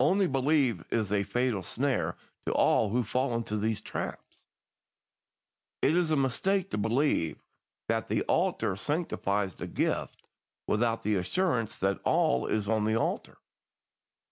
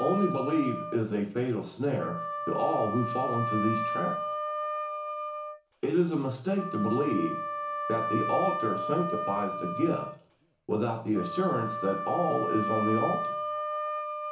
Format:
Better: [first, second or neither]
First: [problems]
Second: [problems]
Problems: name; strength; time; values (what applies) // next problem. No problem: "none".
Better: first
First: none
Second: background sound (Wind instrument, woodwind instrument); 3 dB below the speech // room echo; dies away in 0.7 s